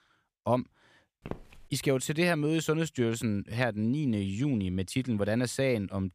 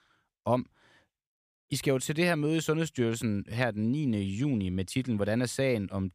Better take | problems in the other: second | footsteps; faint; at 1.5 s; peak 15 dB below the speech

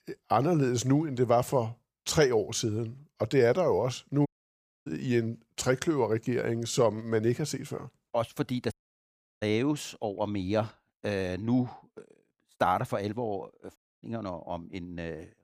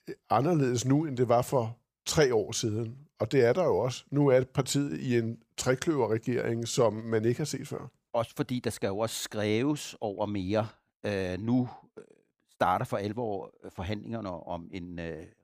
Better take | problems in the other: second | audio cutting out; at 4.5 s for 0.5 s, at 8.5 s for 0.5 s and at 14 s

